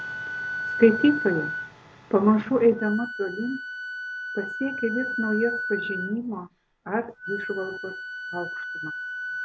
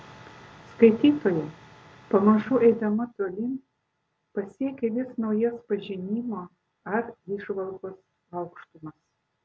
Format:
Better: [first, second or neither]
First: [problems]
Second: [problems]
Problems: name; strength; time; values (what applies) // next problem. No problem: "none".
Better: second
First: background sound (Wind instrument, woodwind instrument); 7 dB below the speech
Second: none